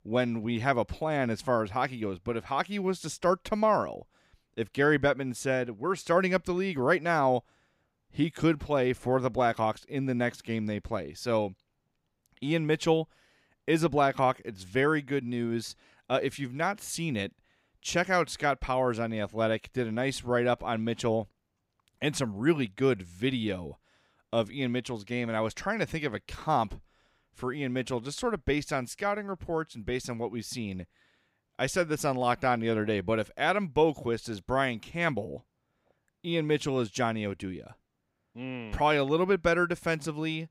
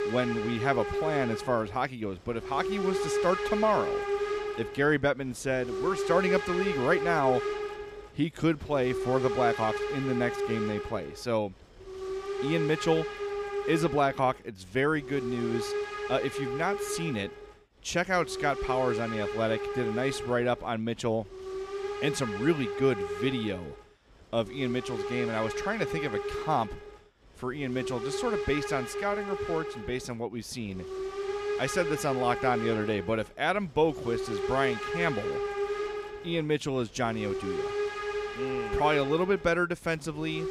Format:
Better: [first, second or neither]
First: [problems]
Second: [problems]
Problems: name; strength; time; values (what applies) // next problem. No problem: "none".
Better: first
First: none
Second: hiss; loud; throughout; 4 dB below the speech